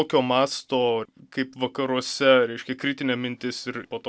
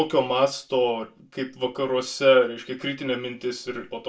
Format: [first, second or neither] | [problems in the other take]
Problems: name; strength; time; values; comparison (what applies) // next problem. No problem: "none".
first | room echo; dies away in 0.2 s